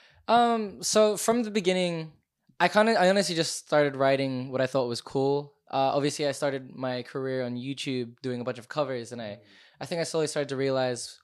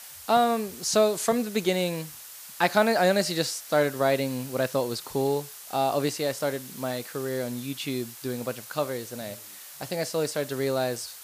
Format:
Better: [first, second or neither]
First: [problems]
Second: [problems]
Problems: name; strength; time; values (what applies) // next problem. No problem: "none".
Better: first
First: none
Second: hiss; noticeable; throughout; 15 dB below the speech